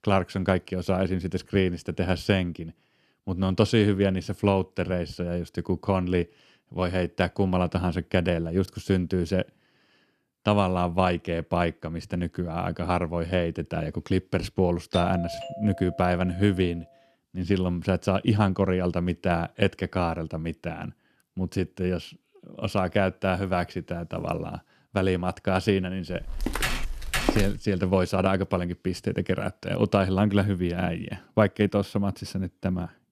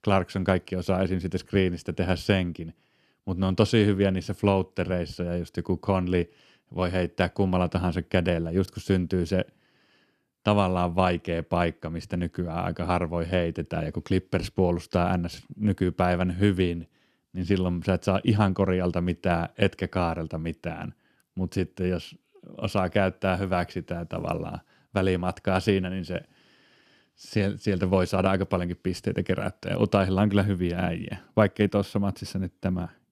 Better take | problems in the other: second | doorbell; noticeable; from 15 to 16 s; peak 6 dB below the speech // footsteps; loud; from 26 to 28 s; peak level with the speech

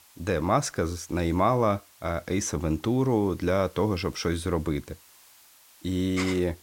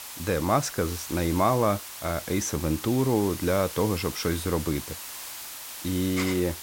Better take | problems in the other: first | hiss; loud; throughout; 10 dB below the speech; faint in the first

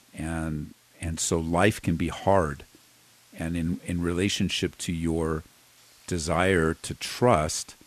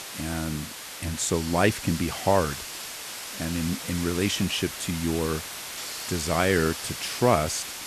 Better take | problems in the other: first | hiss; loud; throughout; 7 dB below the speech; faint in the first

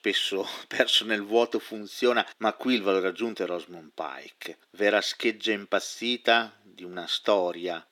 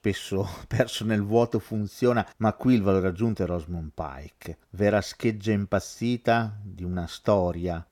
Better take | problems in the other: second | thin; somewhat; fading below 300 Hz

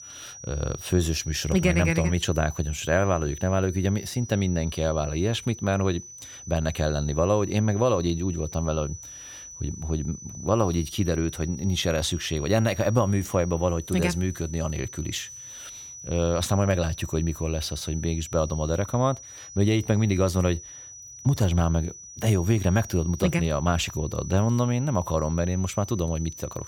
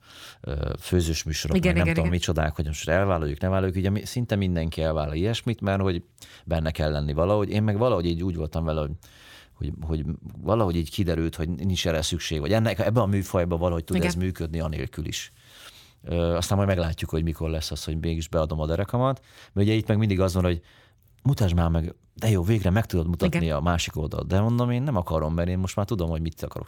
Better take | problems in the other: second | high-pitched whine; noticeable; throughout; 6 kHz, 15 dB below the speech

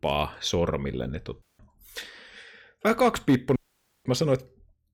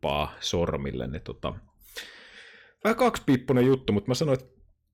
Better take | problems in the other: second | audio cutting out; at 1.5 s and at 3.5 s

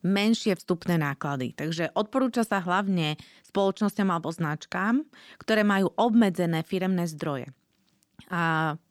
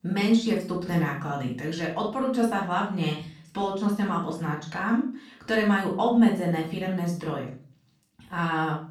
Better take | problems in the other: first | room echo; slight; dies away in 0.4 s // off-mic speech; far

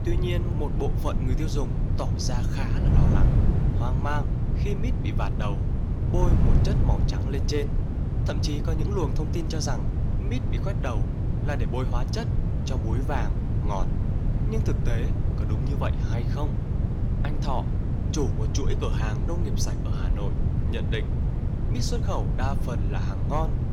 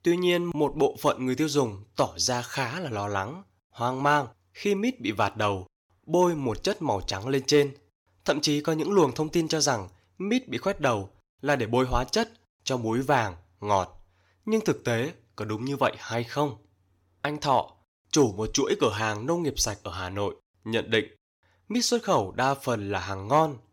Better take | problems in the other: second | wind noise on the microphone; heavy; 3 dB below the speech

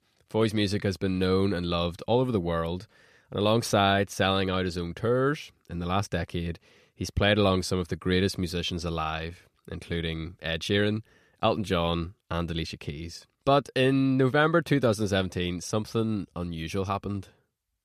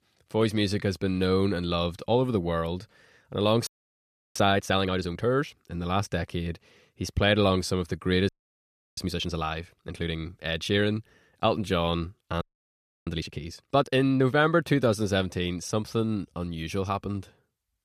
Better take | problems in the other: first | audio freezing; at 3.5 s for 0.5 s, at 8.5 s for 0.5 s and at 12 s for 0.5 s

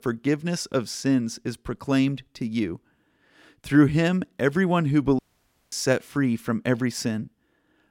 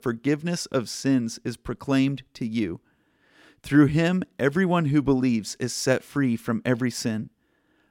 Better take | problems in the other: second | audio cutting out; at 5 s for 0.5 s

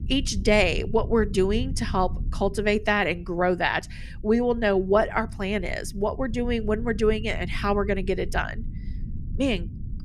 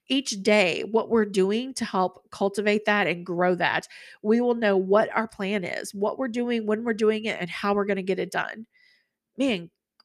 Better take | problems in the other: second | low rumble; faint; throughout; 25 dB below the speech

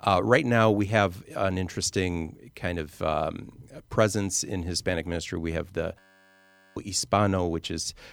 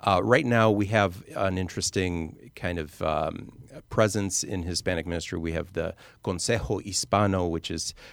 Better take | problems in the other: second | audio freezing; at 6 s for 1 s

